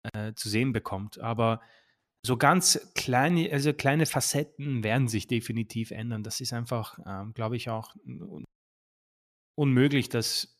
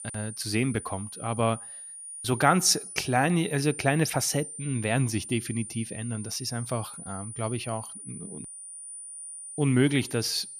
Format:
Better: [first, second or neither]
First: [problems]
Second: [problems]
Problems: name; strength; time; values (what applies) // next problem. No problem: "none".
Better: first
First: none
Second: high-pitched whine; noticeable; throughout; 9.5 kHz, 10 dB below the speech